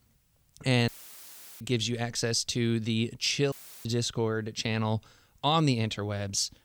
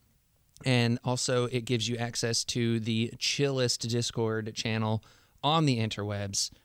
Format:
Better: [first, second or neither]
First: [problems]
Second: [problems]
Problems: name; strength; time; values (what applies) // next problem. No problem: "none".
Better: second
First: audio cutting out; filled with static; at 1 s for 0.5 s and at 3.5 s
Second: none